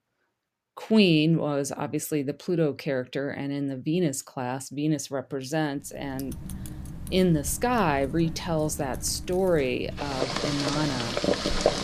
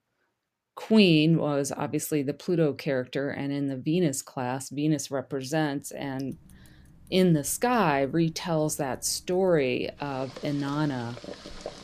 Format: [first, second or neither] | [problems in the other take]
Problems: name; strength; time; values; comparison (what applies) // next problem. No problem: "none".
second | household noises; loud; from 6 s on; 6 dB below the speech; faint in the second